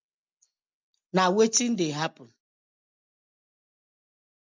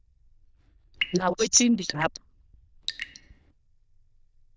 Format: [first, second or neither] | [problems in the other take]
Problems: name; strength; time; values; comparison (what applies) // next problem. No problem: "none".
first | noise reduction (neural diffusion model UNIVERSE++)